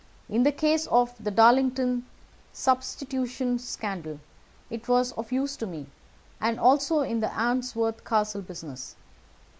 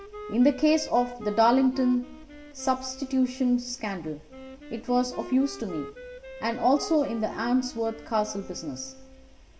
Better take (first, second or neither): first